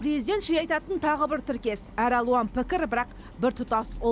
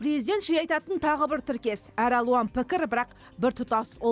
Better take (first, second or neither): second